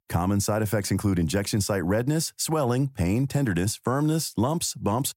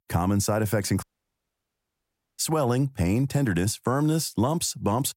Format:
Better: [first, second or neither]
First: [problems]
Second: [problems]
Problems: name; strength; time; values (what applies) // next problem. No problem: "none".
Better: first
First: none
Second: audio cutting out; at 1 s for 1.5 s